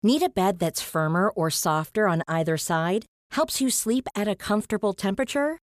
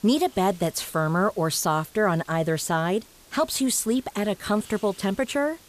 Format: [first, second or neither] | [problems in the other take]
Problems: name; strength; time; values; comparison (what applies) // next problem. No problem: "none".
first | hiss; faint; throughout; 25 dB below the speech